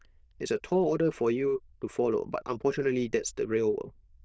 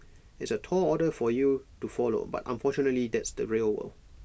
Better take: second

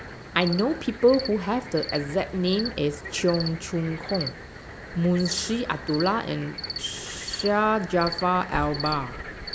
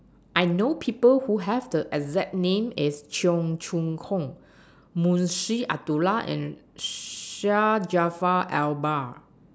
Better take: second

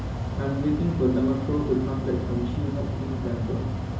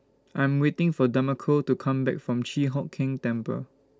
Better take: second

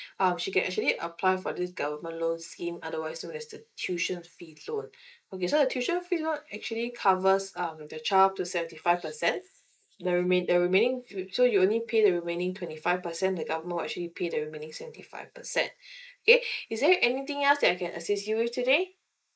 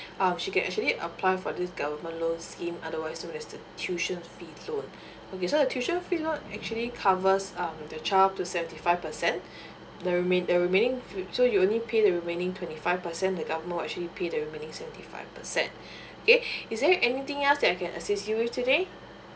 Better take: second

